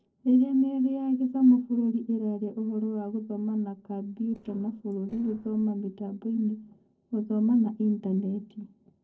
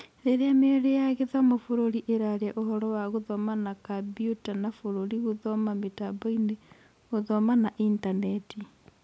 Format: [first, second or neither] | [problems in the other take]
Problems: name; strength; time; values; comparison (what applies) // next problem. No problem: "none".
second | noise reduction (neural separator model SepFormer DNS4)